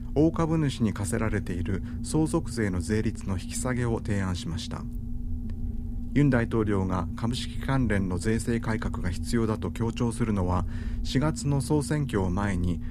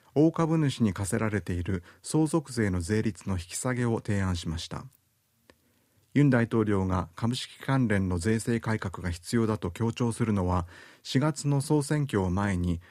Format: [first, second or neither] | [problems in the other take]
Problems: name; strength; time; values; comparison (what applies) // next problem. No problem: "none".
second | low rumble; noticeable; throughout; 15 dB below the speech